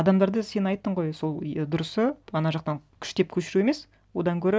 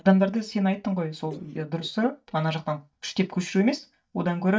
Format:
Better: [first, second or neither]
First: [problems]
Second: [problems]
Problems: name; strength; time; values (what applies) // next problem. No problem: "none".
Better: first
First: none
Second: noise reduction (neural mask model DeepFilterNet 3)